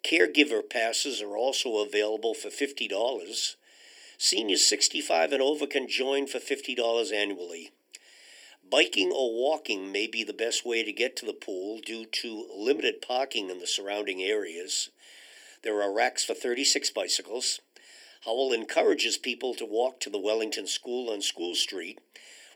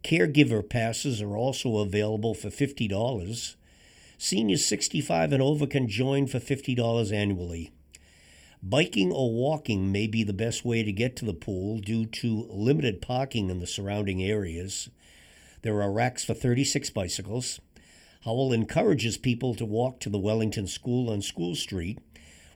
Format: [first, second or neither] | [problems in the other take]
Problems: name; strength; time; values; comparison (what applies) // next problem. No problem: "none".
second | thin; somewhat; fading below 300 Hz